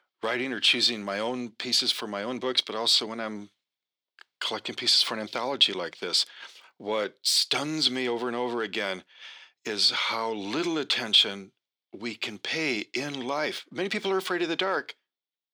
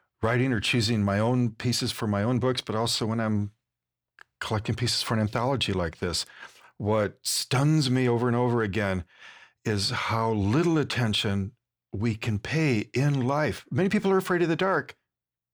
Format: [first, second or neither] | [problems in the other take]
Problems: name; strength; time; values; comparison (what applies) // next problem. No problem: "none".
second | thin; somewhat; fading below 250 Hz